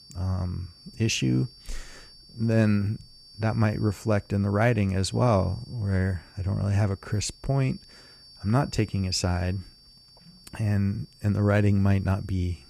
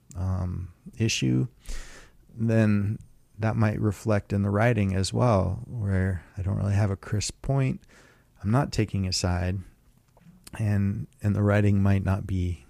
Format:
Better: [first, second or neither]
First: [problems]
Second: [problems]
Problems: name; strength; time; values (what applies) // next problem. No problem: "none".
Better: second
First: high-pitched whine; faint; throughout; 4.5 kHz, 25 dB below the speech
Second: none